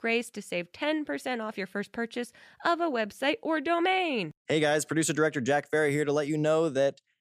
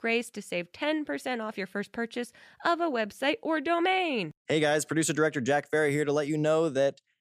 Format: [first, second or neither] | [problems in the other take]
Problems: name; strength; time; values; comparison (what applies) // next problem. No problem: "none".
neither | none